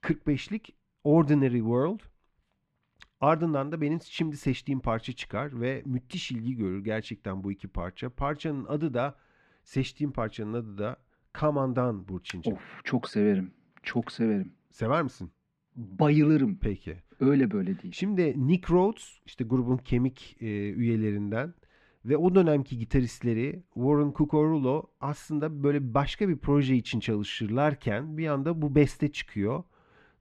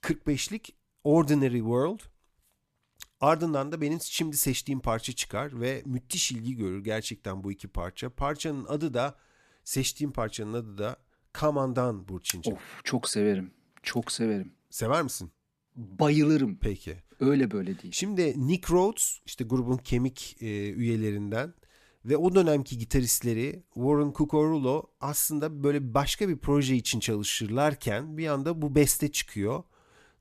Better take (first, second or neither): second